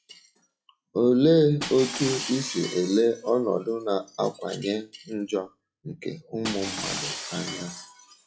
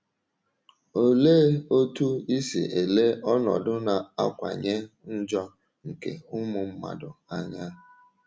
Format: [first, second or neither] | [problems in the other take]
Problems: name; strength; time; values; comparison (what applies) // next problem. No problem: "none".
second | noise reduction (classical method log-MMSE)